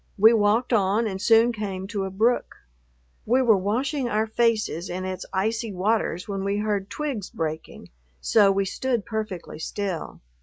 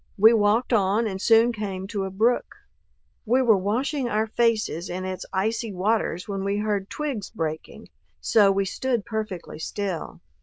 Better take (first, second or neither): first